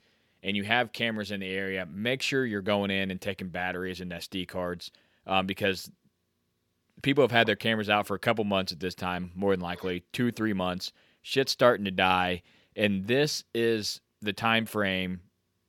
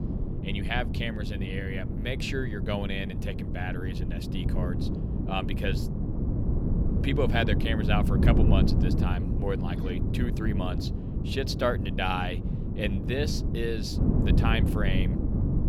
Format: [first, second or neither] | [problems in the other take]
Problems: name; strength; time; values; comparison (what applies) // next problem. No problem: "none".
first | wind noise on the microphone; heavy; 5 dB below the speech